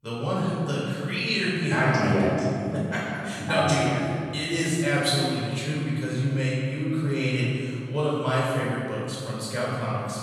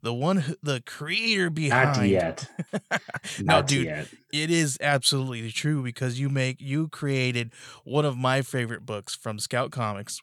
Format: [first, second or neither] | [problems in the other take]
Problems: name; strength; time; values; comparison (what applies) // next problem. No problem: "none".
second | off-mic speech; far // room echo; strong; dies away in 2.4 s